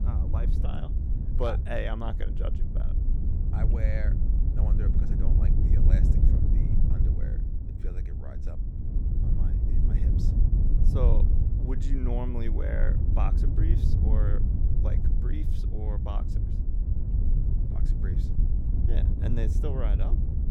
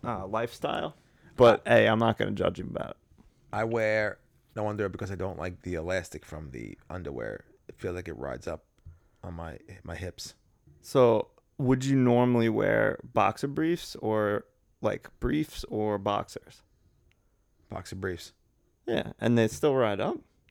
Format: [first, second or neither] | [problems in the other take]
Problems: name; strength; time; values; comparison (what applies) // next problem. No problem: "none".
second | wind noise on the microphone; heavy; 3 dB below the speech